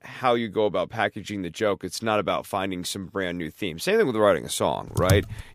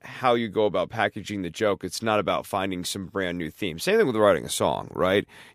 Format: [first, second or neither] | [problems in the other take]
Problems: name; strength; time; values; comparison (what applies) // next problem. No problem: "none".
second | keyboard typing; loud; at 5 s; peak level with the speech